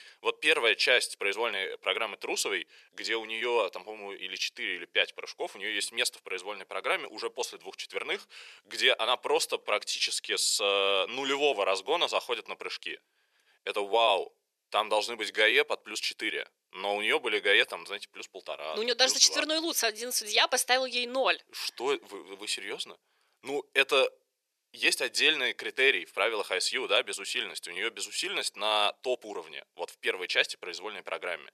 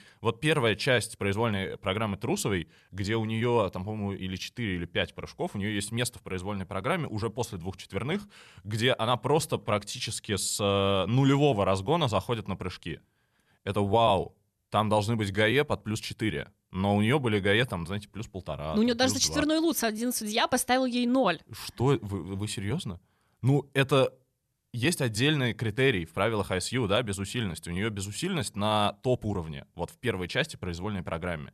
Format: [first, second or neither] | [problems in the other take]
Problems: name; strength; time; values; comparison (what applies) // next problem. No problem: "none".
second | thin; very; fading below 400 Hz